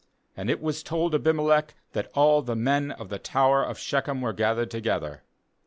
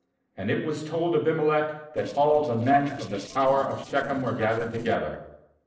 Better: first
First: none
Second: noise reduction (neural separator model SepFormer DNS4)

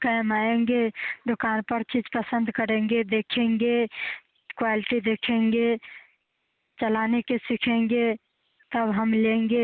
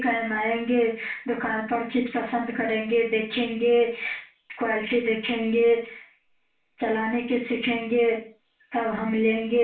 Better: first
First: none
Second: room echo; dies away in 0.4 s

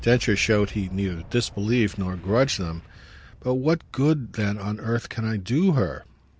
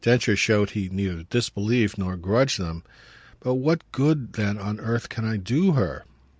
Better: second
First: background sound (Boom); 19 dB below the speech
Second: none

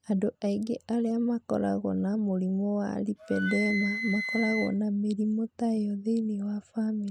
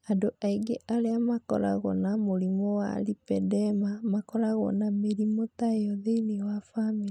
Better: second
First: background sound (Wind instrument, woodwind instrument); 8 dB below the speech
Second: none

